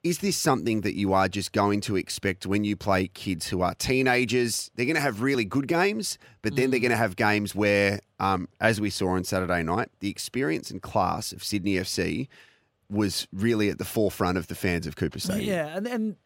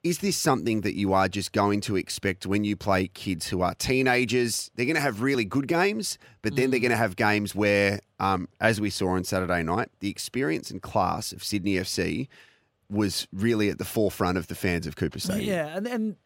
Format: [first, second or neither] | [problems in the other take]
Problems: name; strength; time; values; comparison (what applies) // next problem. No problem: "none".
neither | none